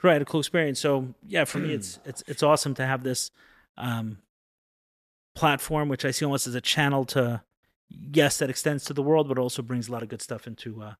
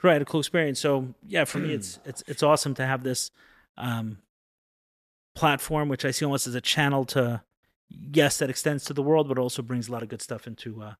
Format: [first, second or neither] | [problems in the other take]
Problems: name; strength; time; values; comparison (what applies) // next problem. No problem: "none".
neither | none